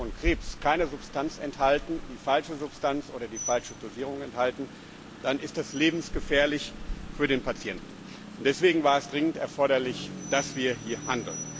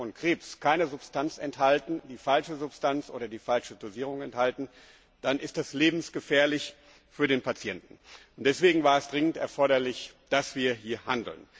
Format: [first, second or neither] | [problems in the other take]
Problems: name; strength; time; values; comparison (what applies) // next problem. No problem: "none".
second | background sound (Rain); 10 dB below the speech